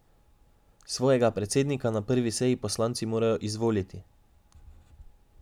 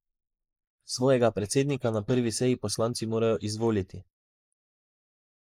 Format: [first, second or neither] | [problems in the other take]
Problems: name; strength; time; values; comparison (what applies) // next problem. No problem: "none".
first | noise reduction (neural mask model Resemble Enhance denoiser)